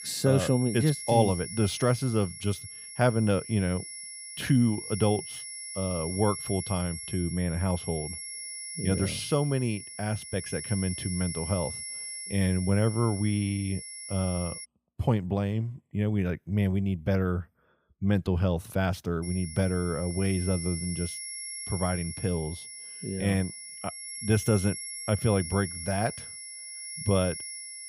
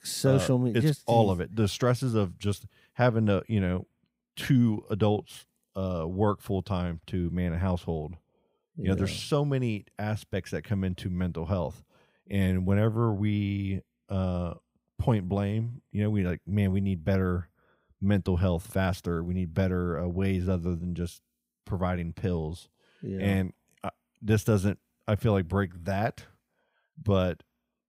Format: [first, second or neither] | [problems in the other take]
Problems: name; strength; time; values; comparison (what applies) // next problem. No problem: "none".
second | high-pitched whine; loud; until 15 s and from 19 s on; 10.5 kHz, 8 dB below the speech